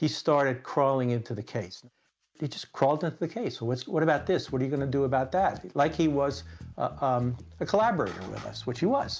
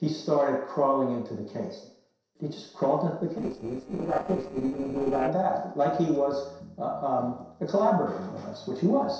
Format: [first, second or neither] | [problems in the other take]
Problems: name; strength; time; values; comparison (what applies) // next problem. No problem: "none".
first | noise reduction (neural separator model SepFormer DNS4)